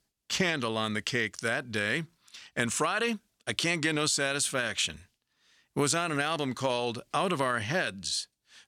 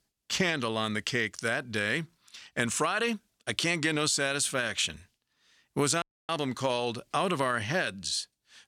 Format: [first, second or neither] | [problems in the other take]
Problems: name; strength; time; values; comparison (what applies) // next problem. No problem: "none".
first | audio cutting out; at 6 s